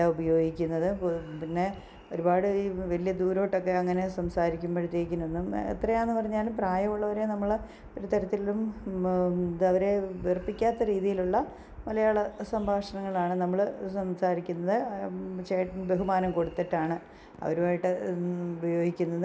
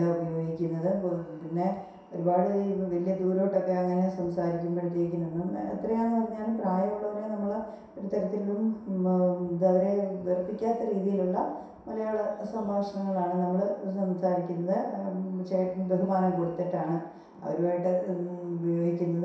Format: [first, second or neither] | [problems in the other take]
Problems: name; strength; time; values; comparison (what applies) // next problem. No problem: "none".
first | room echo; dies away in 0.7 s